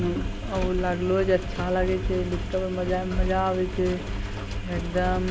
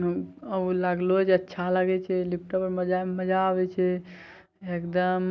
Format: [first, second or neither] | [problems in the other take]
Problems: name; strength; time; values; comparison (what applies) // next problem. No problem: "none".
second | background sound (Engine); 3 dB below the speech